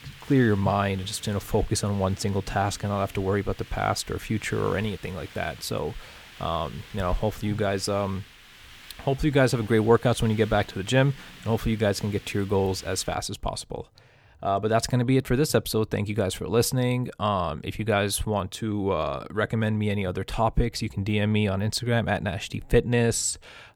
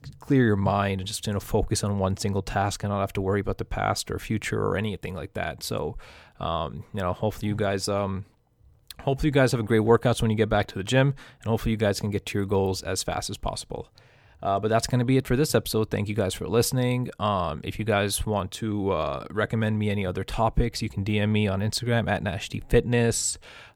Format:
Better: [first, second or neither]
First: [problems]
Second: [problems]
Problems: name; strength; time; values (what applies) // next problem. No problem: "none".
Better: second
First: hiss; noticeable; until 13 s; 20 dB below the speech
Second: none